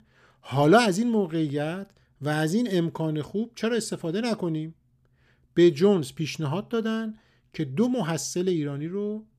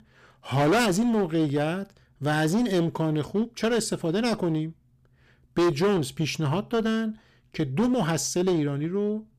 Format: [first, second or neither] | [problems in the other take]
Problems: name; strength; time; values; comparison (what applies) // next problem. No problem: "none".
first | distortion; heavy; 12% of the sound clipped